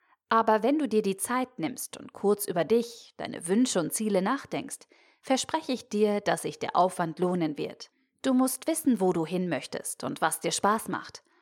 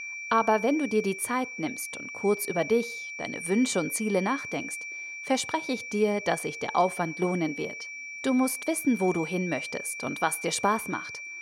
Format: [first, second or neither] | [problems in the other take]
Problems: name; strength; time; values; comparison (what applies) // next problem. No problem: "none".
first | high-pitched whine; loud; throughout; 2.5 kHz, 8 dB below the speech